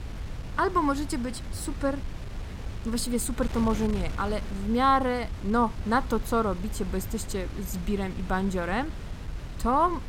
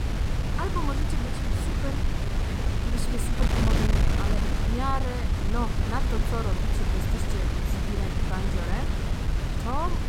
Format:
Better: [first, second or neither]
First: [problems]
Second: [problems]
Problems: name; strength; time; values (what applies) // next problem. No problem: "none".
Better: first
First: wind noise on the microphone; occasional gusts; 15 dB below the speech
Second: wind noise on the microphone; heavy; 1 dB above the speech